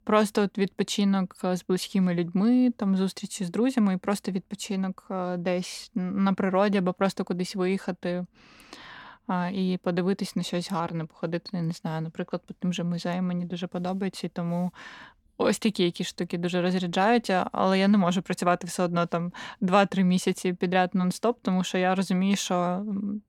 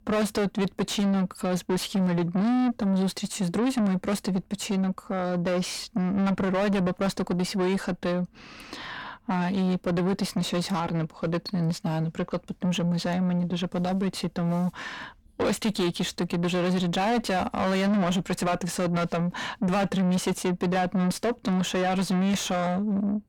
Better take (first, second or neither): first